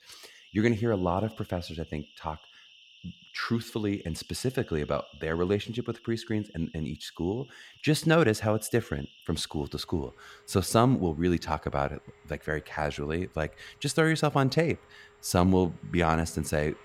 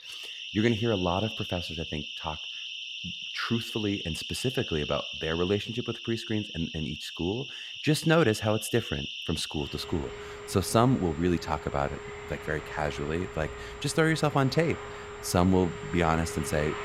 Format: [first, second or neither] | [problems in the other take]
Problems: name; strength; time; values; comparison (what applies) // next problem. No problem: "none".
first | alarms or sirens; loud; throughout; 8 dB below the speech; faint in the first